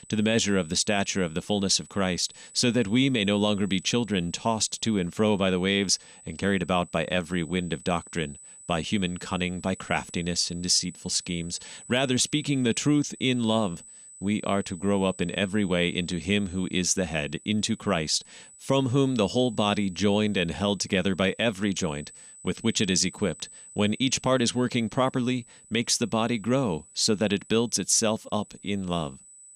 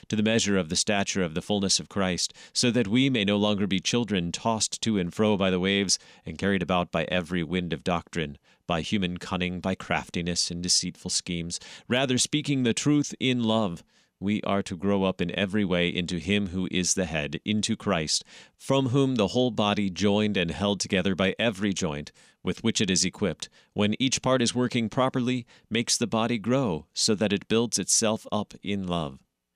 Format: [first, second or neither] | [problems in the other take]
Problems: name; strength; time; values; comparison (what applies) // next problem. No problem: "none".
second | high-pitched whine; faint; throughout; 8 kHz, 20 dB below the speech